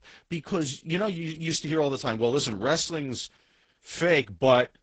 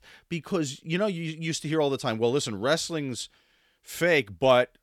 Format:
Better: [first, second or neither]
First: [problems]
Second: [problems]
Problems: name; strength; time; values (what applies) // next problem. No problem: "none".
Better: second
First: garbled, watery; badly; nothing above 8 kHz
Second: none